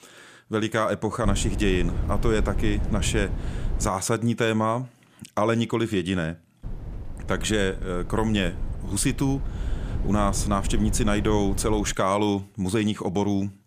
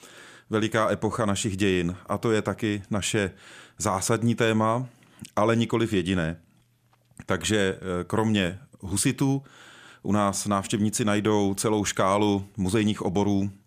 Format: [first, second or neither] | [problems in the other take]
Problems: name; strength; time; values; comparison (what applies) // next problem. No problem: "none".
second | wind noise on the microphone; occasional gusts; from 1 to 4 s and from 6.5 to 12 s; 15 dB below the speech